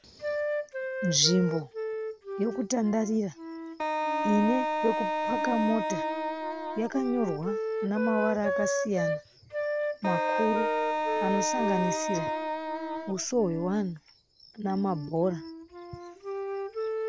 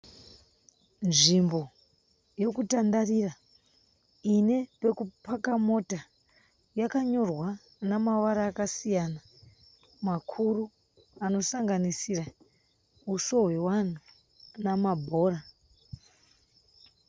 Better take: second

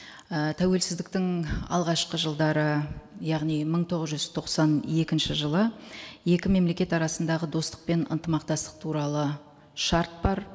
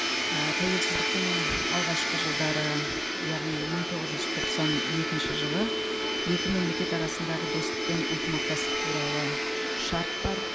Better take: first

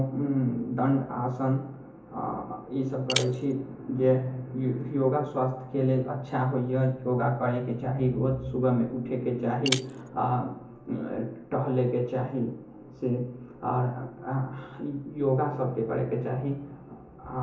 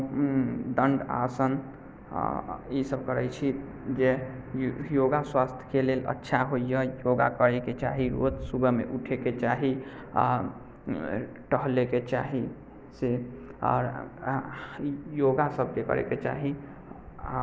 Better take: second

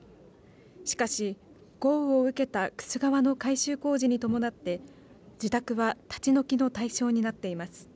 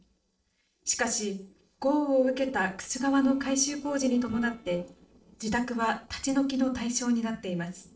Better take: first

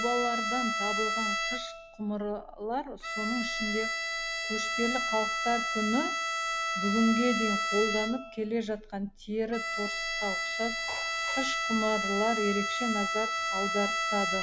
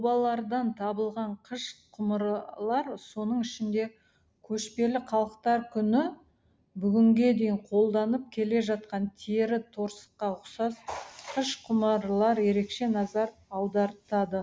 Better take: second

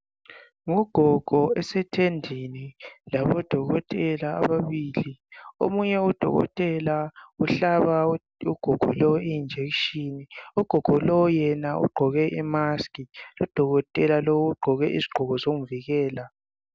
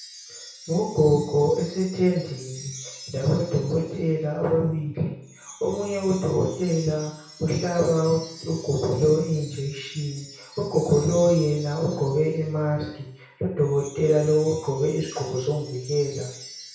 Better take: first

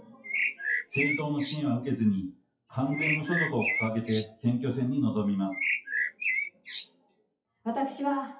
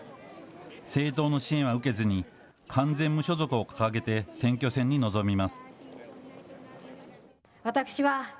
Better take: second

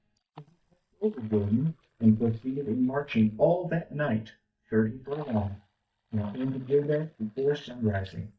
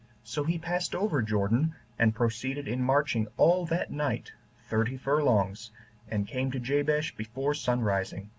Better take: second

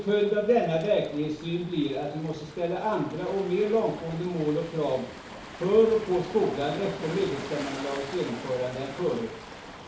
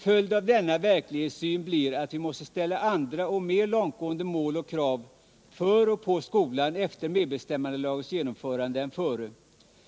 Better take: second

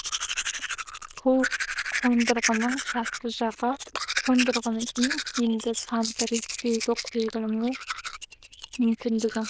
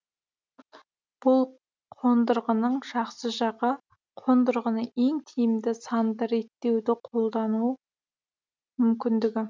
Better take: second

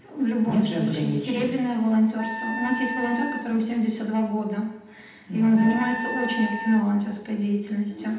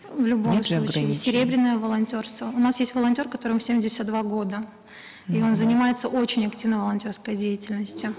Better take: second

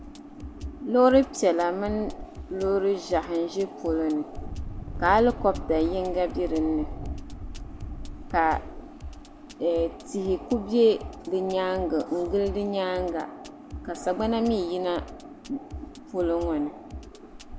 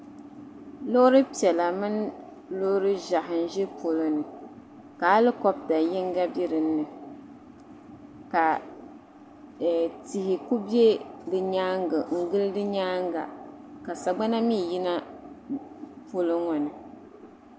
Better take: second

